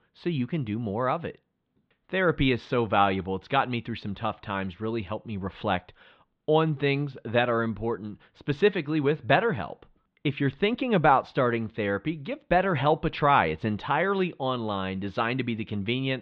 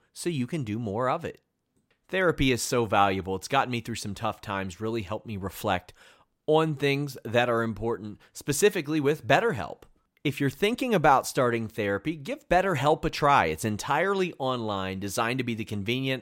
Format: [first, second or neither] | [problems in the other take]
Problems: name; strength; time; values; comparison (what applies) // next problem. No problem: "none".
second | muffled; very; fading above 3.5 kHz